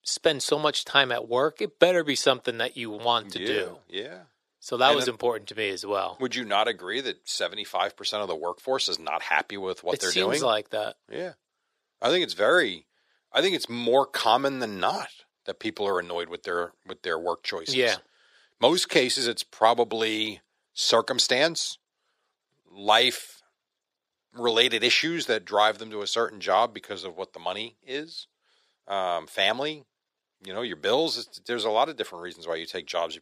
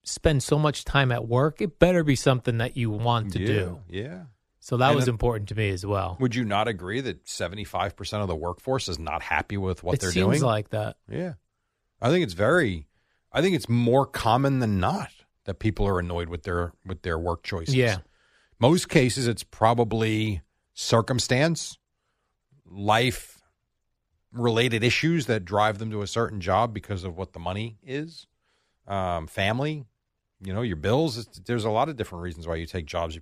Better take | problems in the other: second | thin; somewhat; fading below 450 Hz

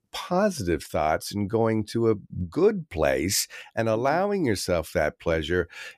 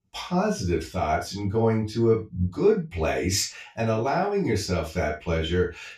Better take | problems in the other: first | room echo; slight; dies away in 0.2 s // off-mic speech; far

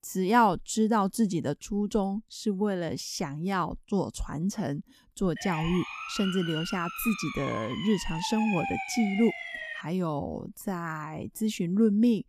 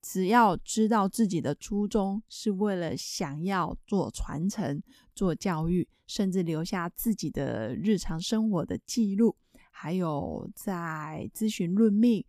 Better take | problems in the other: second | siren; noticeable; from 5.5 to 10 s; peak 3 dB below the speech

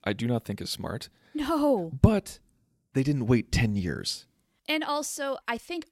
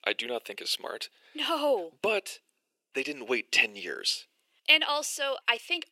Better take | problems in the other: first | thin; very; fading below 400 Hz

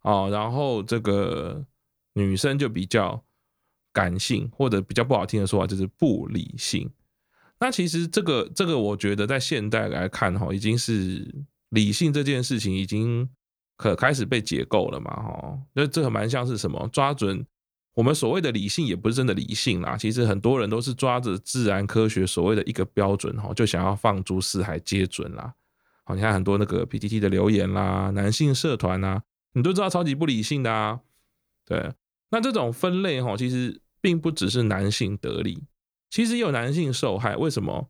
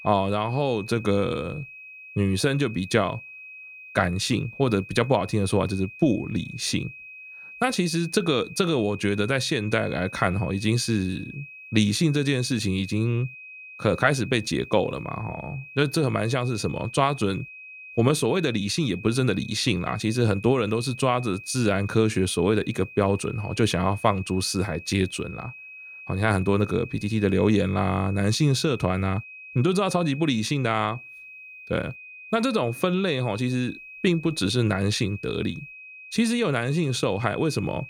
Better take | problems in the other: first | high-pitched whine; noticeable; throughout; 2.5 kHz, 15 dB below the speech

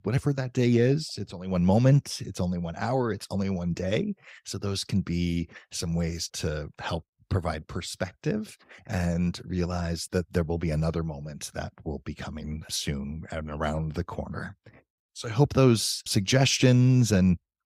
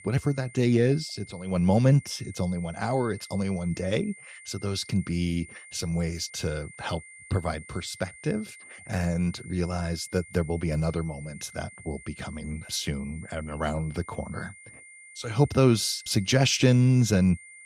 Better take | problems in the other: first | high-pitched whine; noticeable; throughout; 2 kHz, 20 dB below the speech

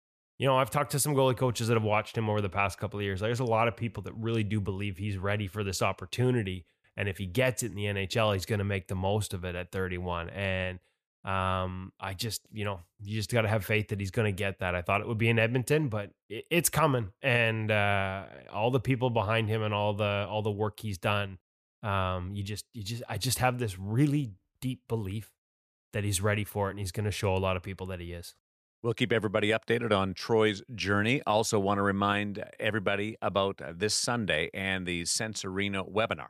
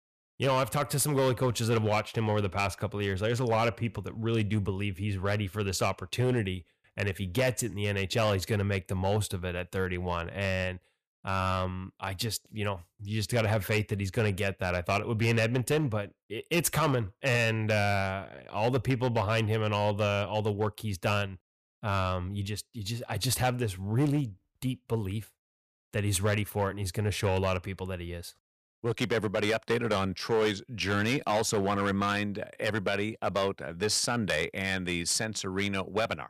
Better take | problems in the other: first | distortion; slight; 5% of the sound clipped

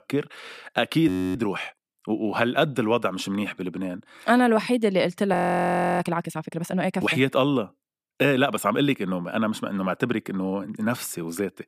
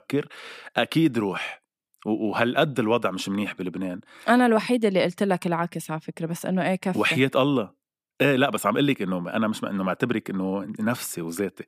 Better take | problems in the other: second | audio freezing; at 1 s and at 5.5 s for 0.5 s

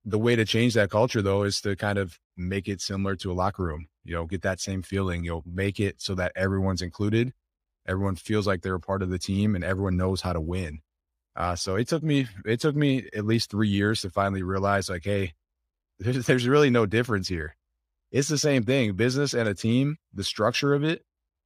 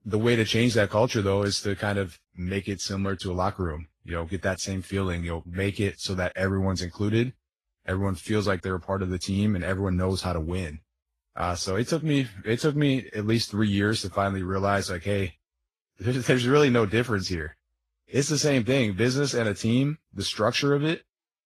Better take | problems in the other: first | garbled, watery; slightly; nothing above 12.5 kHz

